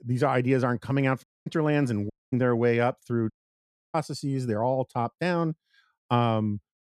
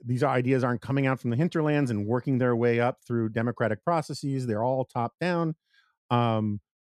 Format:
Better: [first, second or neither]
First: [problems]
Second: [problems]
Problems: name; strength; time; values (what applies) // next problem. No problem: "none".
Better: second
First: audio cutting out; at 1 s, at 2 s and at 3.5 s for 0.5 s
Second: none